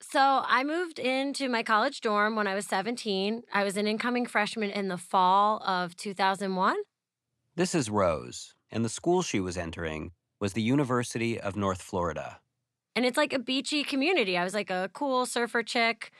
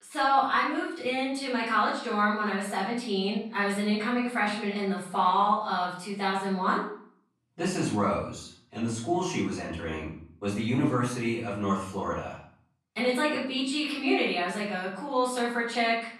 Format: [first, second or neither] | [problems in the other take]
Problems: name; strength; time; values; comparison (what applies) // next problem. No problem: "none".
first | off-mic speech; far // room echo; noticeable; dies away in 0.5 s